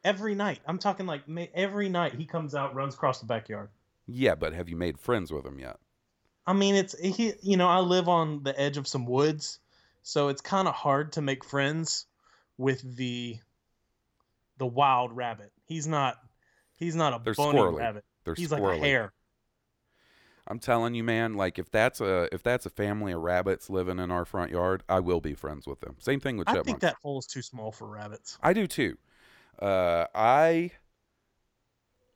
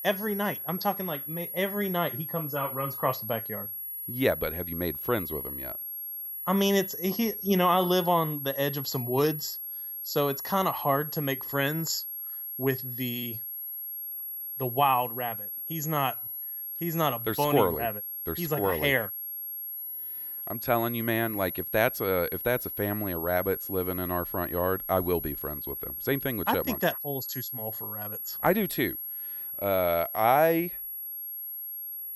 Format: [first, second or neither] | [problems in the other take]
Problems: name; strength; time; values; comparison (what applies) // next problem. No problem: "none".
first | high-pitched whine; loud; throughout; 11.5 kHz, 5 dB below the speech